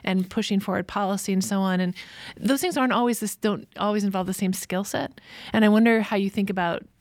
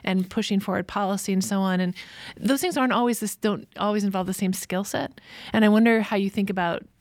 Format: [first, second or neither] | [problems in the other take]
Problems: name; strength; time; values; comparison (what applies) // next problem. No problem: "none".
neither | none